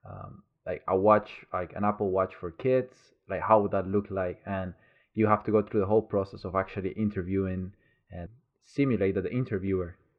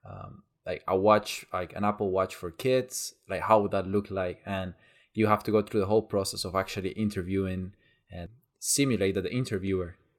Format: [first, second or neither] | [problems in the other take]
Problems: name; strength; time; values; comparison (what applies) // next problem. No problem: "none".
second | muffled; very; fading above 2 kHz